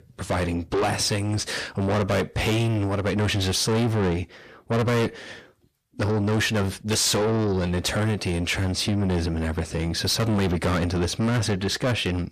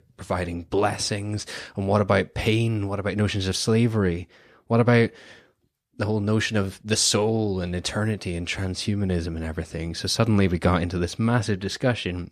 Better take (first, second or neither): second